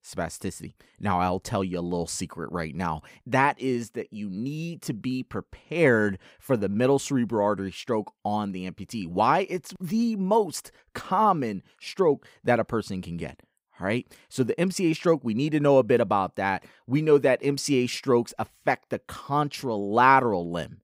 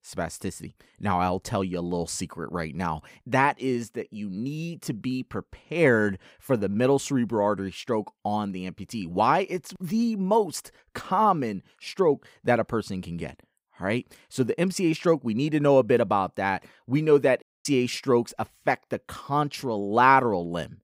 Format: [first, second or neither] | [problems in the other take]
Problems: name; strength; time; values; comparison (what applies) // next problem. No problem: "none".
first | audio cutting out; at 17 s